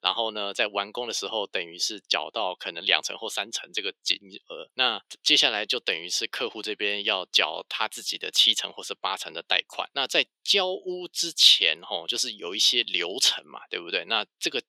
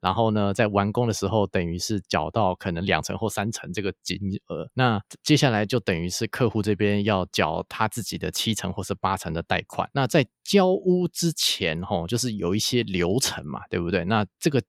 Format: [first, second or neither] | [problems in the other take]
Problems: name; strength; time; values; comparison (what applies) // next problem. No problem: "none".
second | thin; very; fading below 350 Hz